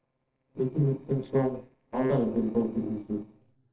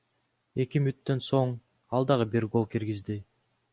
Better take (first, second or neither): second